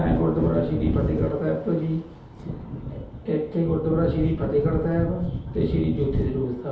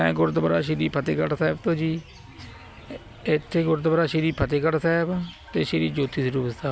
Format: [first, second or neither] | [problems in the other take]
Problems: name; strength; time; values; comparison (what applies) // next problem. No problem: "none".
second | background sound (Thunder / Wind); 4 dB below the speech // room echo; dies away in 0.8 s